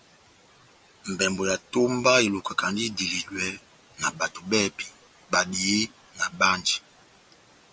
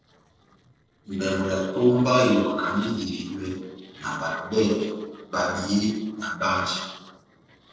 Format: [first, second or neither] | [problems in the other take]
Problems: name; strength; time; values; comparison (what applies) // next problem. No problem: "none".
first | noise reduction (neural separator model SepFormer DNS4)